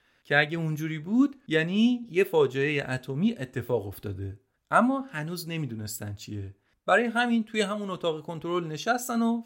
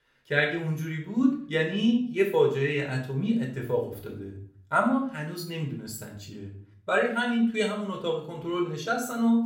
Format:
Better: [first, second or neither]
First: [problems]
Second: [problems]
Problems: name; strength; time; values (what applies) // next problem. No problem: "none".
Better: first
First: none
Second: room echo; slight; dies away in 0.4 s // off-mic speech; somewhat distant